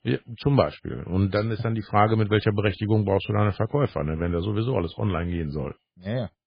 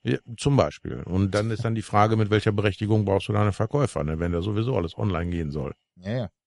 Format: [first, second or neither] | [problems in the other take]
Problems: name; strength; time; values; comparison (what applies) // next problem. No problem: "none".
second | garbled, watery; badly; nothing above 4.5 kHz; slightly in the second